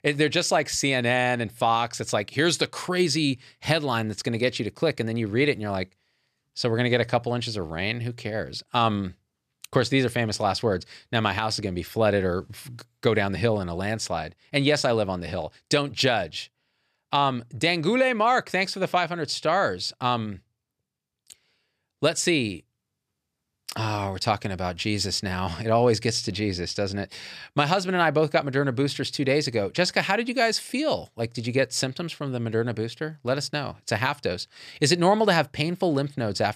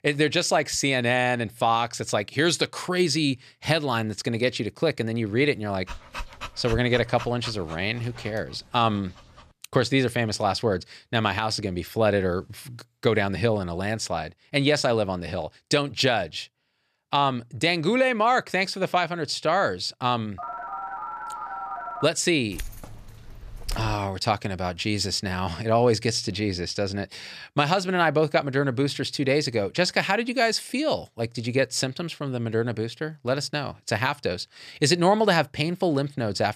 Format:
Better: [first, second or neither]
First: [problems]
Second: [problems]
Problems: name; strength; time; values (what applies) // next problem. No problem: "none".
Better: first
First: none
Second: dog barking; faint; from 6 to 8 s; peak 10 dB below the speech // phone ringing; noticeable; from 20 to 22 s; peak 8 dB below the speech // jangling keys; faint; from 23 to 24 s; peak 15 dB below the speech